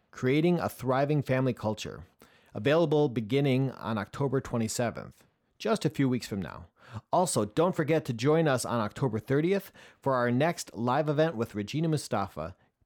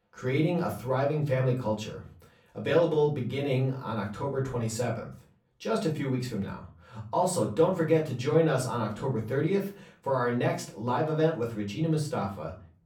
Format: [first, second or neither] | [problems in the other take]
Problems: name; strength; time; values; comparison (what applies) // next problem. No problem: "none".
first | off-mic speech; far // room echo; slight; dies away in 0.3 s